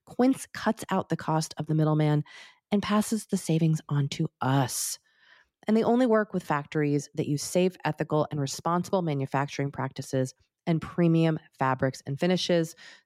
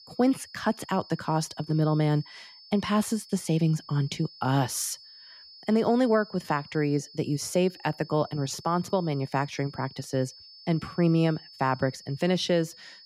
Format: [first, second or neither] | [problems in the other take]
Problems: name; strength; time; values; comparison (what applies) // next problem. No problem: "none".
first | high-pitched whine; noticeable; throughout; 5 kHz, 20 dB below the speech